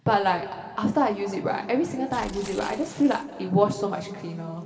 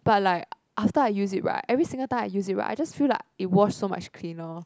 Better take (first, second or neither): second